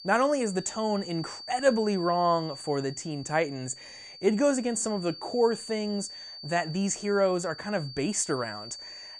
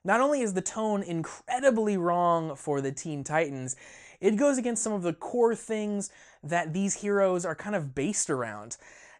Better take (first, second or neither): second